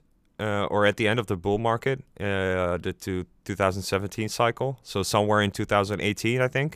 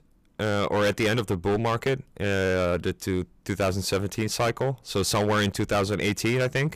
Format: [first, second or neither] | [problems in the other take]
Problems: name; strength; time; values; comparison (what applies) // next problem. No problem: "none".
first | distortion; heavy; 12% of the sound clipped